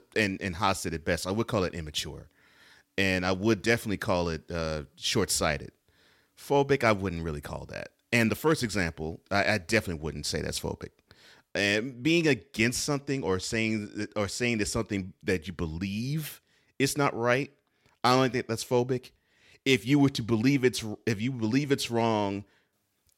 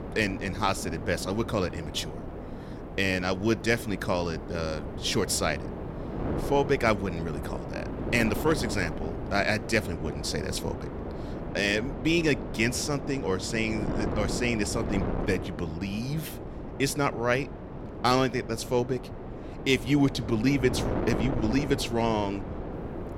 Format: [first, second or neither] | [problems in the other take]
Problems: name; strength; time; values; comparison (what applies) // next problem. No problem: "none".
first | wind noise on the microphone; heavy; 10 dB below the speech